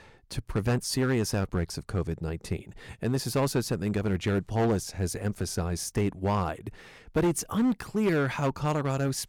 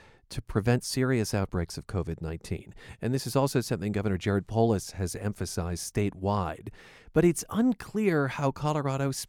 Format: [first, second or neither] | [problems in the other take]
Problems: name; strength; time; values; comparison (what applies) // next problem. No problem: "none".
second | distortion; slight; 6% of the sound clipped